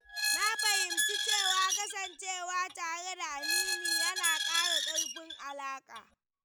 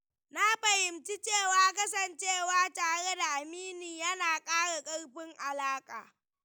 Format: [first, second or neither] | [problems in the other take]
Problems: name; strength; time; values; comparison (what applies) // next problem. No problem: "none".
second | background sound (Squeak); 4 dB above the speech